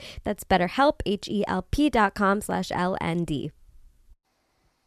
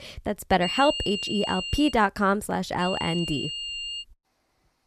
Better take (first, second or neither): first